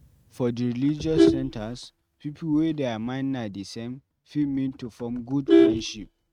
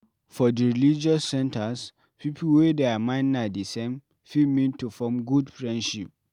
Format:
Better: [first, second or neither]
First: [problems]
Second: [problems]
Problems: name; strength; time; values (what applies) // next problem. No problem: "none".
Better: second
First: noise reduction (neural mask model RNNoise)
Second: none